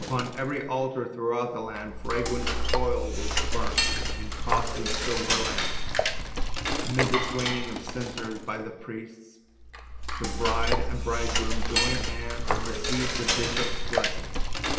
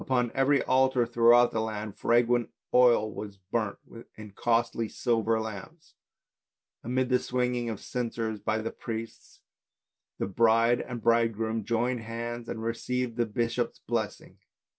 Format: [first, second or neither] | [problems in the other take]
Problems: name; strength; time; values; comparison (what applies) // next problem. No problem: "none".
second | background sound (Cutlery, silverware / Dishes, pots, and pans); 4 dB above the speech // room echo; dies away in 0.8 s